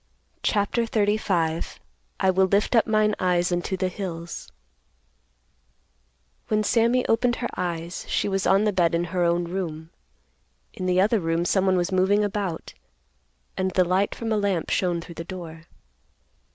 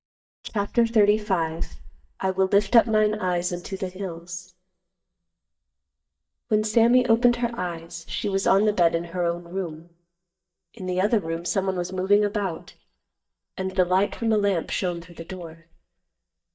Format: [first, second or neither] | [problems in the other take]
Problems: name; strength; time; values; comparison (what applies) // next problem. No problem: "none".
first | noise reduction (neural mask model DeepFilterNet 3)